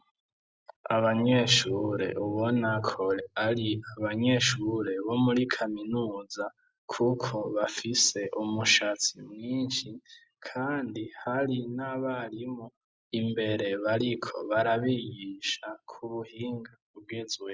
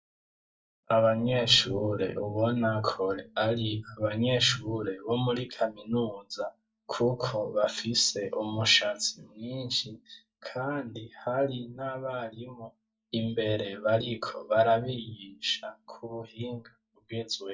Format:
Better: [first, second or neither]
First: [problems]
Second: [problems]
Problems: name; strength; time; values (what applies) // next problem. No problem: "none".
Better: first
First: none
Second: noise reduction (neural mask model DeepFilterNet 3)